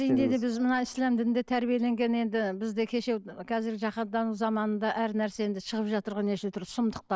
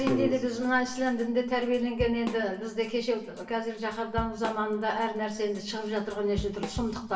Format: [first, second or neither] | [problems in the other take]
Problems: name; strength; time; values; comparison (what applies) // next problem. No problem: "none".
first | background sound (Drum / Drum kit); 13 dB below the speech // room echo; dies away in 1 s